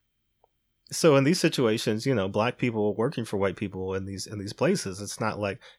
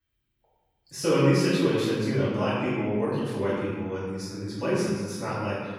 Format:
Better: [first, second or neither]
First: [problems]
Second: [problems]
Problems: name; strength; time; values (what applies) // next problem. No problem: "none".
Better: first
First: none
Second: room echo; strong; dies away in 1.3 s // off-mic speech; far